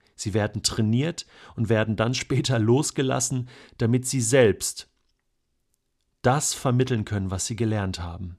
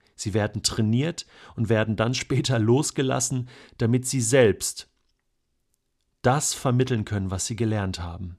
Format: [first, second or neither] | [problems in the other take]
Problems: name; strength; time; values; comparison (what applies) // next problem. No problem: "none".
neither | none